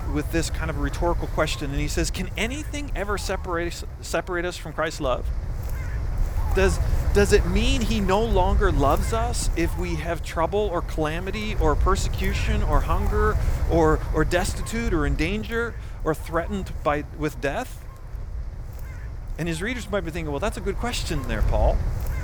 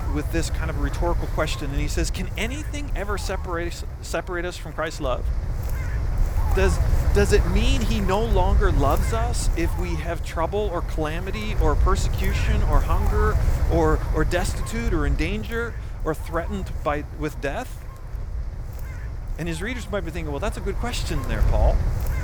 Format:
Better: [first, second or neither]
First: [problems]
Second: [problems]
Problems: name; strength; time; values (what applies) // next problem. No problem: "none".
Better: first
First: wind noise on the microphone; occasional gusts; 15 dB below the speech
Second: wind noise on the microphone; heavy; 10 dB below the speech